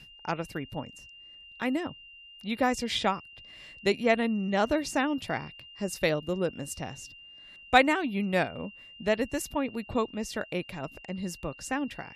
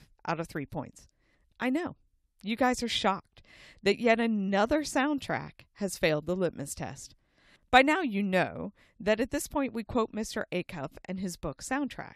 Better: second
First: high-pitched whine; noticeable; throughout; 3 kHz, 20 dB below the speech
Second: none

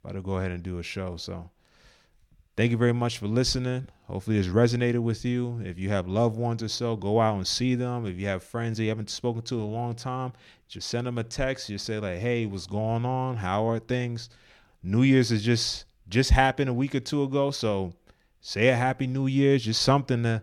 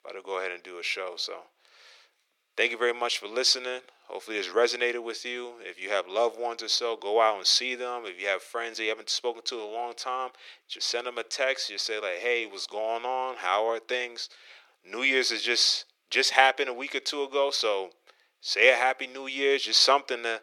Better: first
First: none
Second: thin; very; fading below 400 Hz

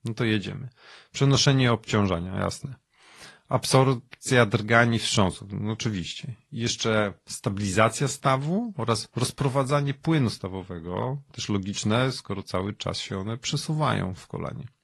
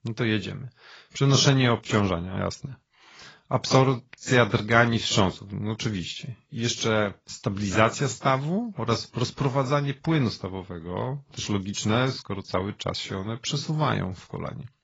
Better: first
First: garbled, watery; slightly; nothing above 11 kHz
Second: garbled, watery; badly; nothing above 7.5 kHz

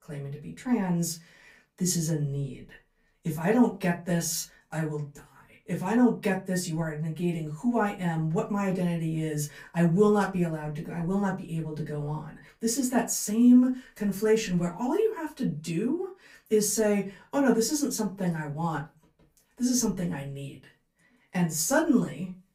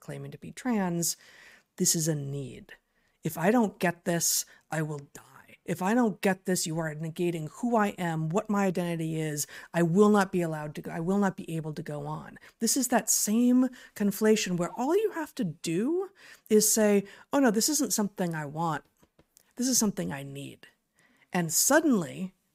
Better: second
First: off-mic speech; far // room echo; very slight; dies away in 0.2 s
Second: none

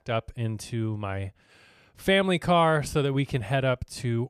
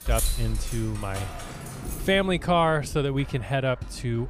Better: first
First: none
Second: traffic noise; loud; throughout; 9 dB below the speech

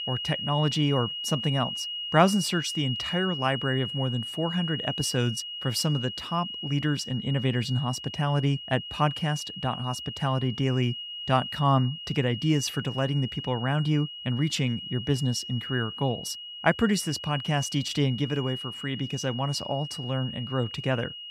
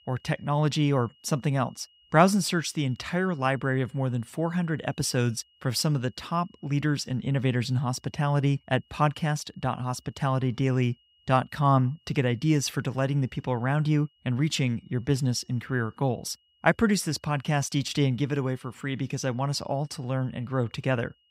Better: second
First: high-pitched whine; loud; throughout; 3 kHz, 7 dB below the speech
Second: high-pitched whine; faint; throughout; 3 kHz, 35 dB below the speech

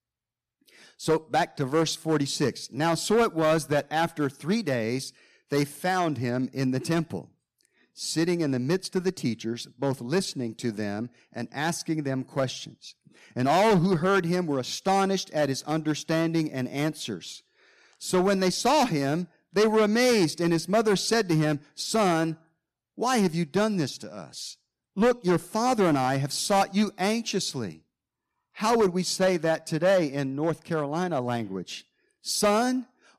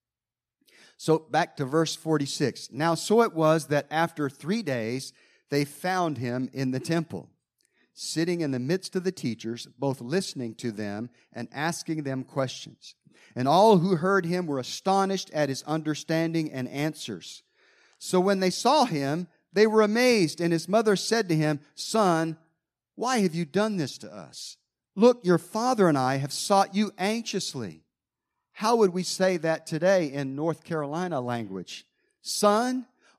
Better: second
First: distortion; slight; 5% of the sound clipped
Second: none

